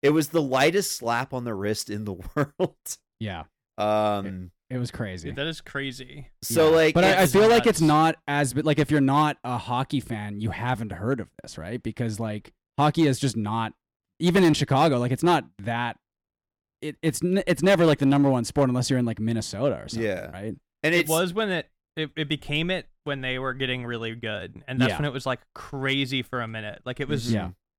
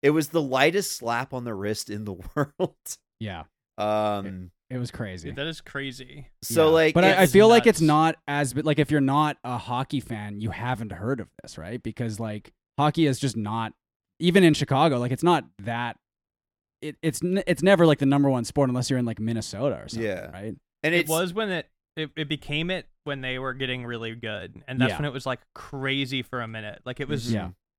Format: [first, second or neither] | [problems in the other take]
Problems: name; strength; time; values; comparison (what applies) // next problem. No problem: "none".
second | distortion; slight; 3% of the sound clipped